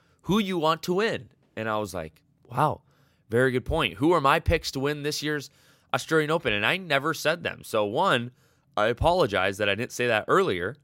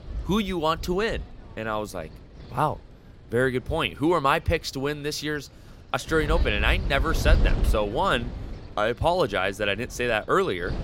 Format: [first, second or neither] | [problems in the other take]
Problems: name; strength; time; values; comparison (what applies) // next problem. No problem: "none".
first | wind noise on the microphone; occasional gusts; 20 dB below the speech